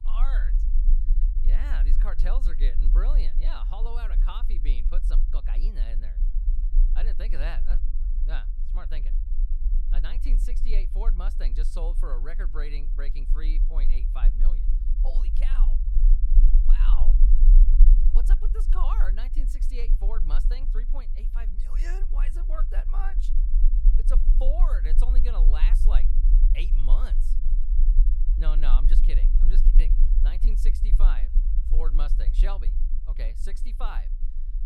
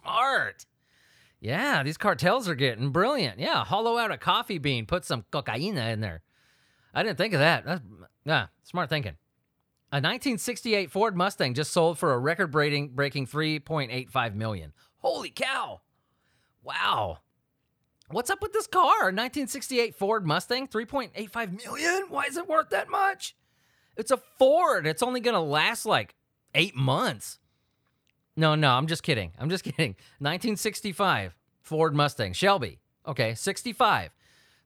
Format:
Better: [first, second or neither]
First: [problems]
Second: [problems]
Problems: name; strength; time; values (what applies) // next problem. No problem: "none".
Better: second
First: low rumble; loud; throughout; 9 dB below the speech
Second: none